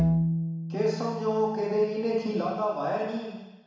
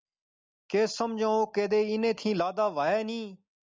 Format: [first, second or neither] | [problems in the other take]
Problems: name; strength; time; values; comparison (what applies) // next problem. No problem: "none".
second | background sound (Bowed string instrument); 3 dB below the speech // room echo; dies away in 1.1 s